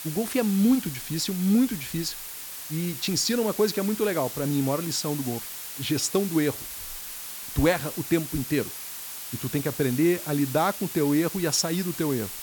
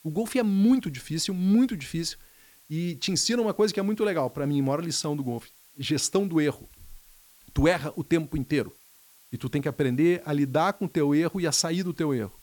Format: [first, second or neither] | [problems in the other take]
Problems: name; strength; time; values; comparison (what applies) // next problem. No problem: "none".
second | hiss; loud; throughout; 8 dB below the speech; faint in the second